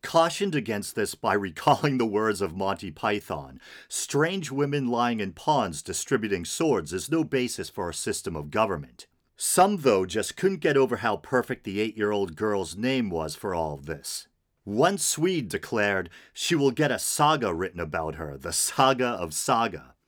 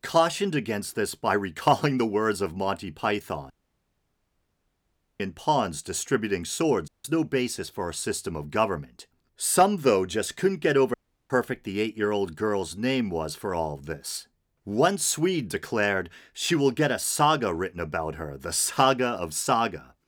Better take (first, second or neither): first